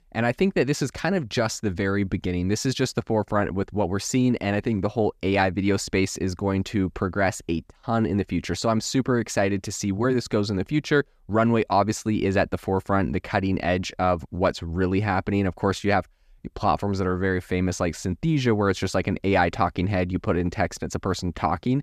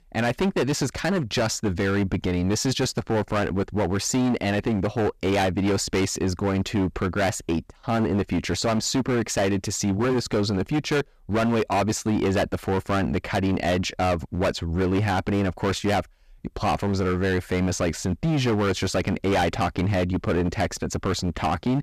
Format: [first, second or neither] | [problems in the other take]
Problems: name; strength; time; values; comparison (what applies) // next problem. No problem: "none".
first | distortion; heavy; 18% of the sound clipped